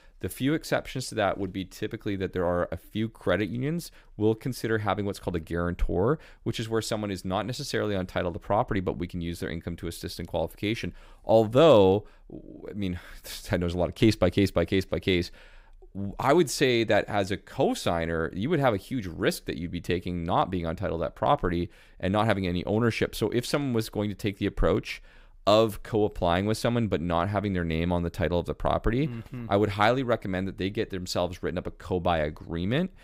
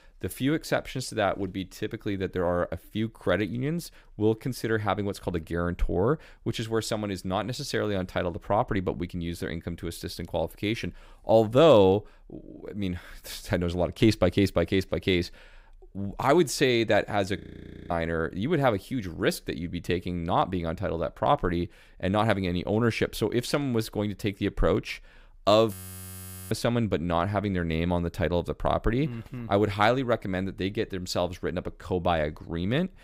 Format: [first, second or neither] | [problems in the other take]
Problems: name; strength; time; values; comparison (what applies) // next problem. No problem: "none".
first | audio freezing; at 17 s for 0.5 s and at 26 s for 1 s